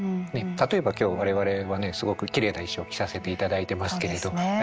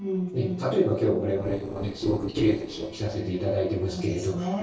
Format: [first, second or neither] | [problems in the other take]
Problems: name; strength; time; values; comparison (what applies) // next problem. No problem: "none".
first | noise reduction (neural separator model SepFormer DNS4)